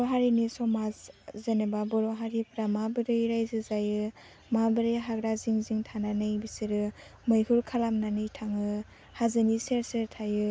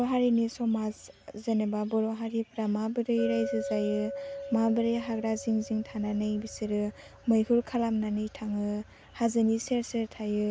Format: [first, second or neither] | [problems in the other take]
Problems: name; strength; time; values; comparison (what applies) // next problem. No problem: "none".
first | background sound (Chink, clink); 14 dB below the speech